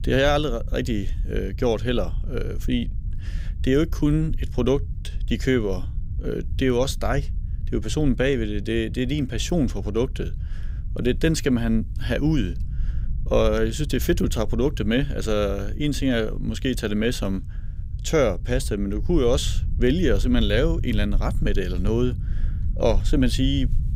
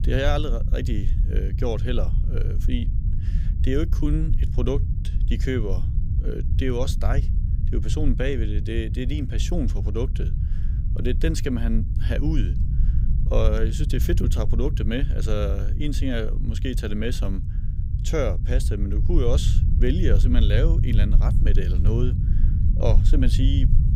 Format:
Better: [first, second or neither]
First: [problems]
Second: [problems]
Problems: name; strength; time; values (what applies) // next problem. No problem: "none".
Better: first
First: low rumble; faint; throughout; 20 dB below the speech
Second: low rumble; loud; throughout; 9 dB below the speech